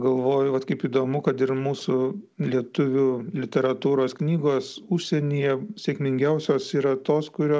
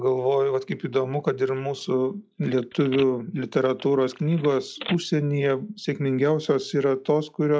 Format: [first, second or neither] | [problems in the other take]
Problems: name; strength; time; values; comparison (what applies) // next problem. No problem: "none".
first | noise reduction (classical method log-MMSE)